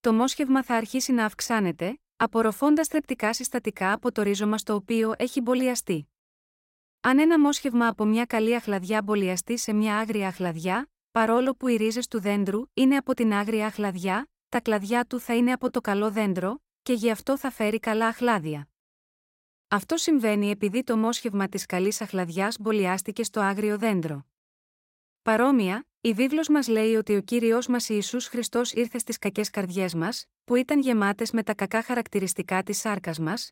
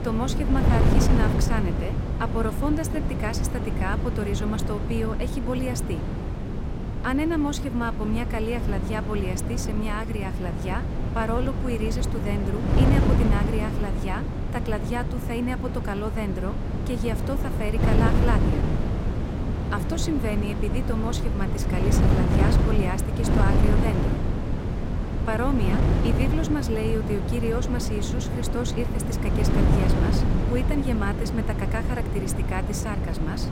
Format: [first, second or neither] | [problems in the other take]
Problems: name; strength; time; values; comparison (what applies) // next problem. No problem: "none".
first | wind noise on the microphone; heavy; 2 dB below the speech